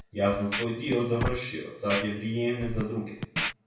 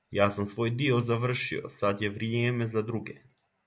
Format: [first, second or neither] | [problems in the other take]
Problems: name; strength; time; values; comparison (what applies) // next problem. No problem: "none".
second | background sound (Scratching (performance technique)); 6 dB below the speech // room echo; dies away in 0.6 s